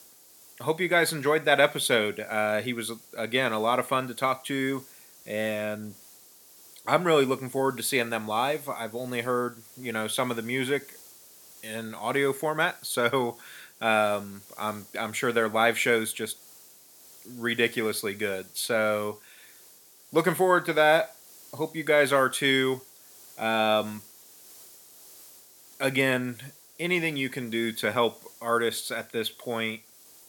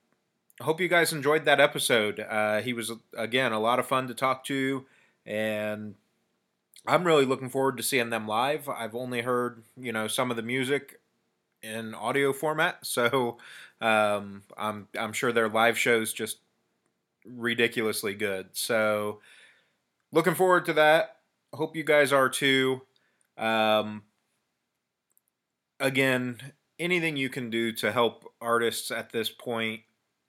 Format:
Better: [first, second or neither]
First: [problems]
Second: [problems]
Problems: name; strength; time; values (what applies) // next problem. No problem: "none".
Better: second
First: hiss; faint; throughout; 20 dB below the speech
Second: none